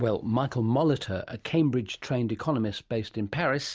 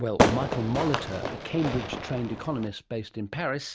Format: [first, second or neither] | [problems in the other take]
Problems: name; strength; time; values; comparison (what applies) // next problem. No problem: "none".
first | background sound (Fireworks); 2 dB above the speech